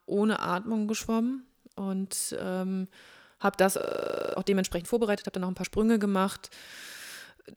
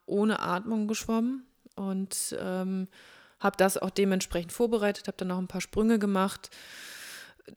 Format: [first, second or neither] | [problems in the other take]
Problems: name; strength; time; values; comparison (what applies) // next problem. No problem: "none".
second | audio freezing; at 4 s for 0.5 s